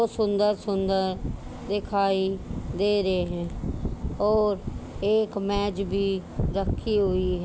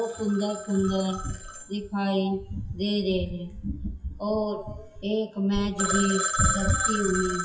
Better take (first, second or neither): first